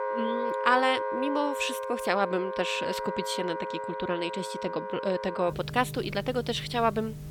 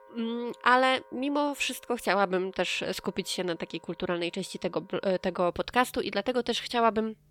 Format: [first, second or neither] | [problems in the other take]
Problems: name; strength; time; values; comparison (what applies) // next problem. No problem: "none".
second | background music; loud; throughout; 4 dB below the speech; faint in the second